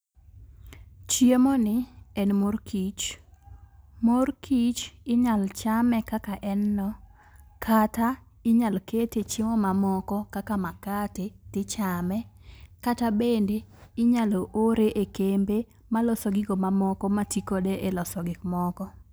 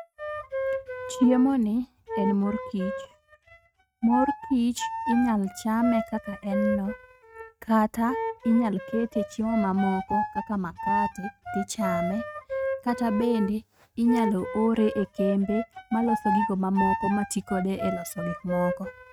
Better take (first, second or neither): first